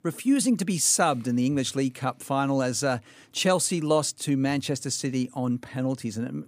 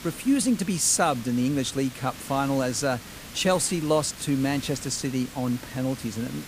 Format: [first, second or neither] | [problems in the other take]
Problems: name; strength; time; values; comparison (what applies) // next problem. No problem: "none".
first | hiss; noticeable; throughout; 15 dB below the speech